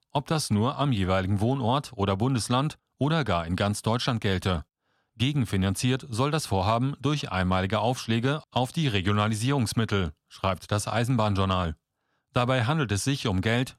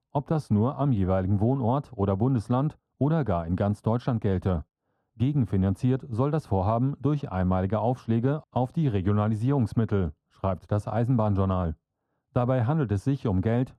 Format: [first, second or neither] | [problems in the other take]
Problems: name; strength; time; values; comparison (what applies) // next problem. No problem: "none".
first | muffled; very; fading above 1.5 kHz